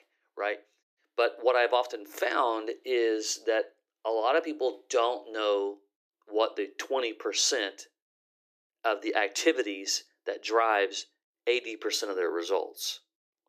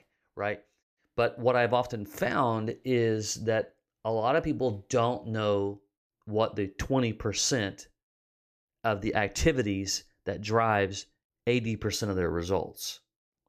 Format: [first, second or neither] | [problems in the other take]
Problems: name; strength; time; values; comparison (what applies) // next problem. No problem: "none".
second | thin; very; fading below 300 Hz